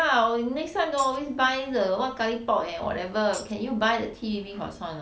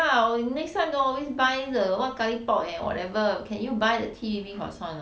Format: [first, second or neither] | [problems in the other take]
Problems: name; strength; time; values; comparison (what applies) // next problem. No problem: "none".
second | background sound (Tambourine); 18 dB below the speech